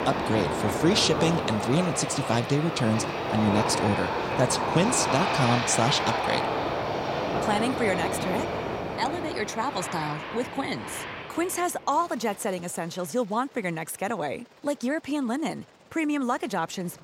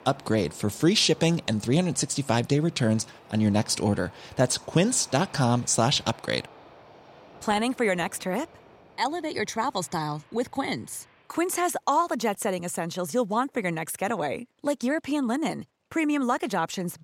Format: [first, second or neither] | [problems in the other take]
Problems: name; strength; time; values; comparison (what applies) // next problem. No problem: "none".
second | train or aircraft noise; loud; throughout; 1 dB below the speech; faint in the second